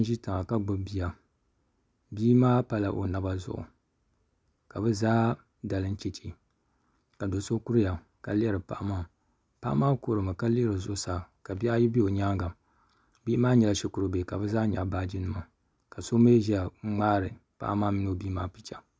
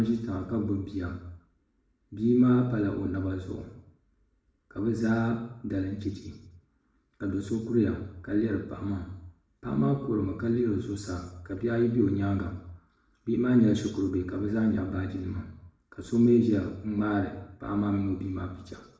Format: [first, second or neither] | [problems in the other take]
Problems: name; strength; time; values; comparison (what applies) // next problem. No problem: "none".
first | room echo; dies away in 0.7 s